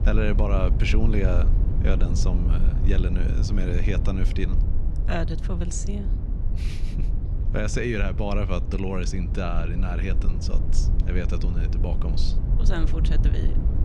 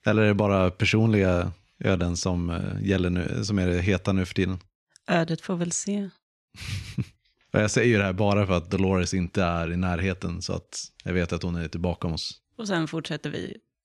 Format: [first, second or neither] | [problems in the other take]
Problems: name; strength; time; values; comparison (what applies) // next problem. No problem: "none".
second | low rumble; loud; throughout; 8 dB below the speech